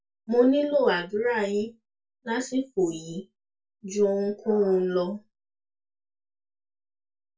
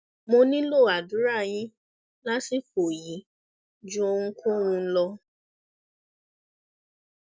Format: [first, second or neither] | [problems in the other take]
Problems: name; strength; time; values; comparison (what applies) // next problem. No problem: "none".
second | room echo; dies away in 0.2 s